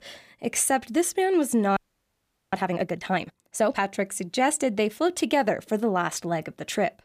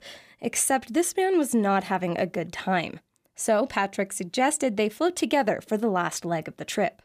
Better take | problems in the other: second | audio freezing; at 2 s for 1 s

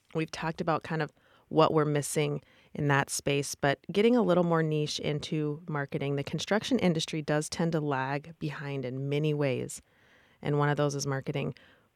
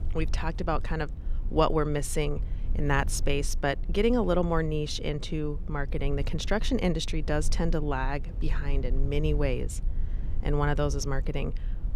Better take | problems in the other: first | low rumble; faint; throughout; 20 dB below the speech

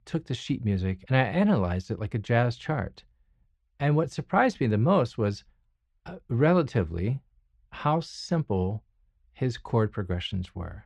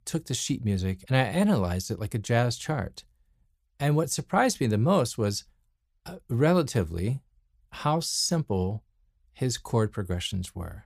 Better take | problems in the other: second | muffled; slightly; fading above 2.5 kHz

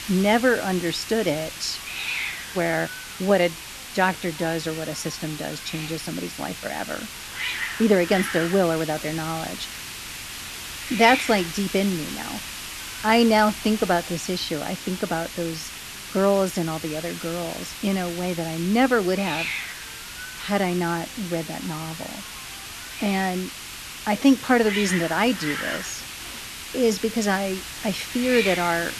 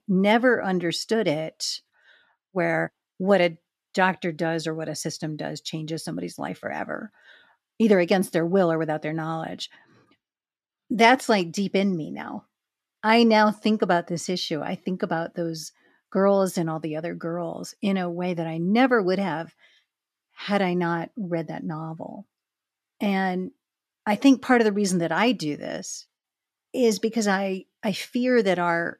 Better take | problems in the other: second | hiss; loud; throughout; 8 dB below the speech

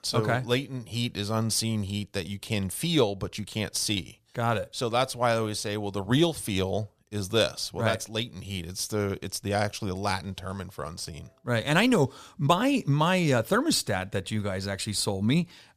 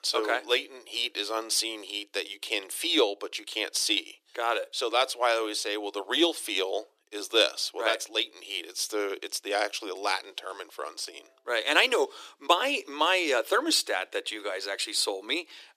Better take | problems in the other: first | thin; very; fading below 300 Hz

